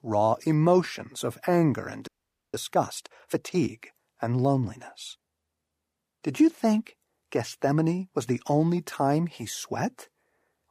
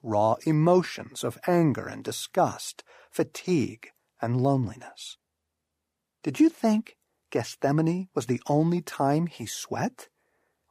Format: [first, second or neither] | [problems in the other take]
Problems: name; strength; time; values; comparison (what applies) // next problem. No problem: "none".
second | audio freezing; at 2 s